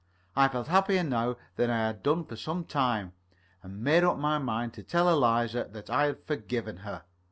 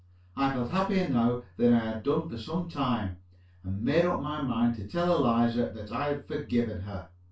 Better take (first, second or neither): first